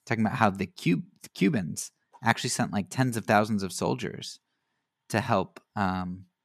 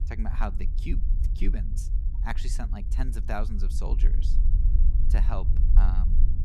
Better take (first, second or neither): first